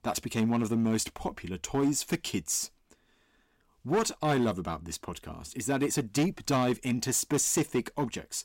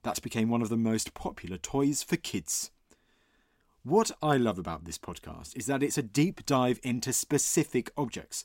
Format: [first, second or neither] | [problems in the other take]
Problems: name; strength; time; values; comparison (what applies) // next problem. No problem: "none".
second | distortion; slight; 5% of the sound clipped